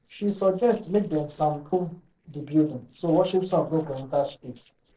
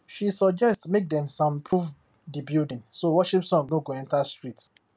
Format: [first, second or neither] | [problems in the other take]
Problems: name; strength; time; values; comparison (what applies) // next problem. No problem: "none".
second | noise reduction (neural separator model SepFormer DNS4)